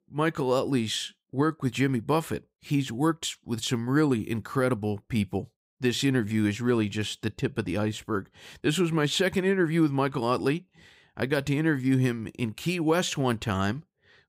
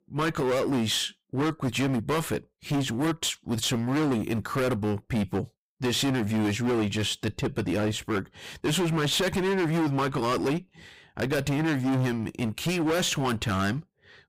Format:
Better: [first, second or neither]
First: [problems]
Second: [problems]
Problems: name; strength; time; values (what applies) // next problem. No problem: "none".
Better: first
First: none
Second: distortion; heavy; 23% of the sound clipped